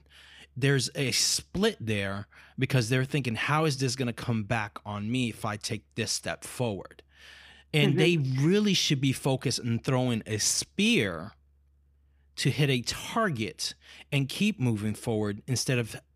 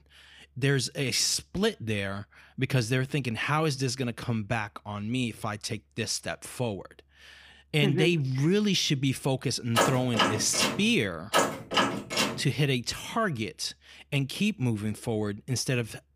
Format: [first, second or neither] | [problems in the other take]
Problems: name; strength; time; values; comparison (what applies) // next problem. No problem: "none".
first | door banging; loud; from 10 to 12 s; peak 2 dB above the speech